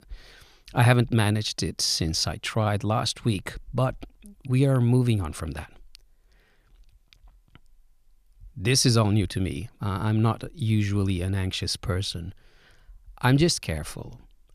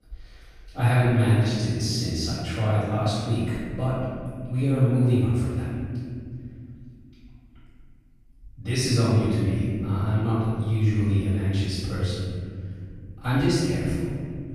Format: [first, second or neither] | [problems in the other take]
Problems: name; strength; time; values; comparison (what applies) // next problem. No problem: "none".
first | off-mic speech; far // room echo; strong; dies away in 2.7 s